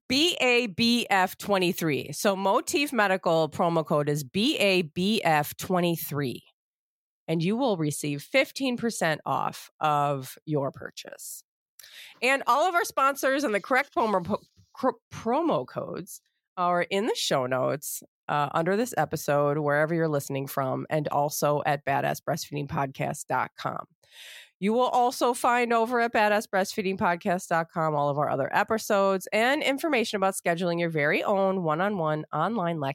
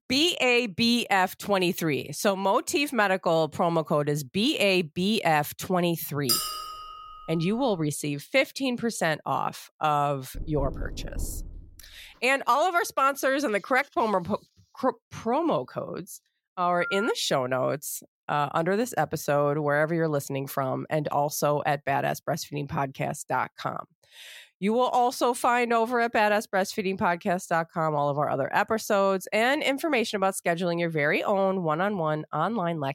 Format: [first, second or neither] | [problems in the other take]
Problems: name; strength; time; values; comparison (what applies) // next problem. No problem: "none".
first | clattering dishes; loud; at 6.5 s; peak 1 dB above the speech // door banging; faint; from 10 to 12 s; peak 10 dB below the speech // phone ringing; noticeable; at 17 s; peak 6 dB below the speech